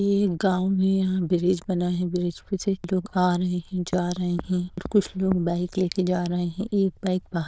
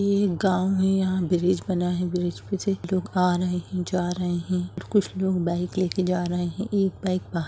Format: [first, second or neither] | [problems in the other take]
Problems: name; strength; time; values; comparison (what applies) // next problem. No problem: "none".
second | noise reduction (neural diffusion model UNIVERSE++)